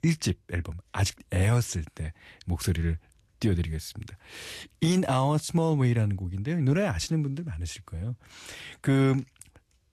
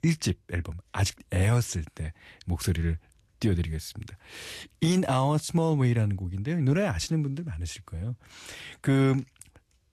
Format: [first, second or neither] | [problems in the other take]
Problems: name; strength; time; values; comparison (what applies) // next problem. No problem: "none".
neither | garbled, watery; slightly; nothing above 12.5 kHz; the same in both